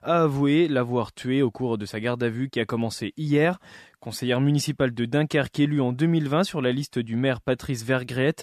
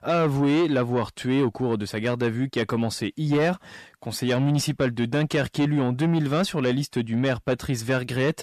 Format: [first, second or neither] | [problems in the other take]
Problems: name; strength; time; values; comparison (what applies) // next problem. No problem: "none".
first | distortion; slight; 10 dB below the speech